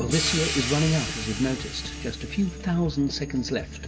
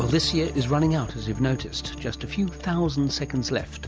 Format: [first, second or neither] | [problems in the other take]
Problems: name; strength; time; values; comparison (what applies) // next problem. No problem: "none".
second | background sound (Hi-hat); 8 dB below the speech // room echo; dies away in 1.9 s